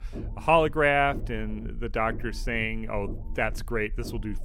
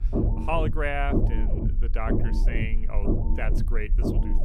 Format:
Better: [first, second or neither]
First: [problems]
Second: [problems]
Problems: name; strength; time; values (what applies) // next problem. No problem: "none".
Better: first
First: low rumble; faint; throughout; 25 dB below the speech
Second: low rumble; loud; throughout; 4 dB below the speech